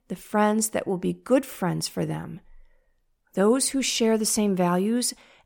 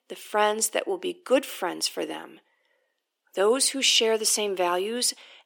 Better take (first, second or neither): first